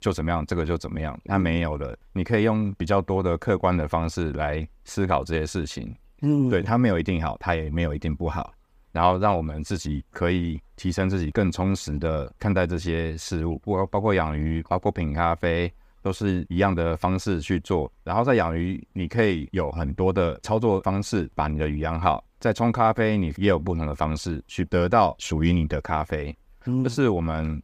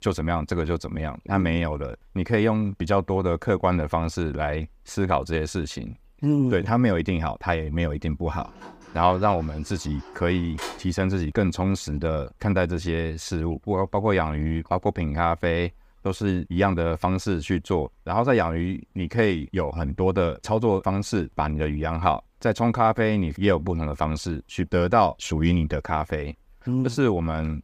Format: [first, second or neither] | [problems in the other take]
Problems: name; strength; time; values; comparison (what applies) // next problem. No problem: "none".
first | door banging; noticeable; from 8.5 to 11 s; peak 10 dB below the speech